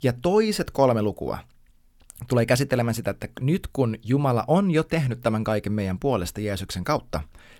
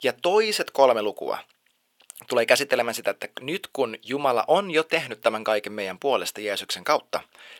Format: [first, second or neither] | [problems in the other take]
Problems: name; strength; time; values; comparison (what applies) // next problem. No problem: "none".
first | thin; very; fading below 550 Hz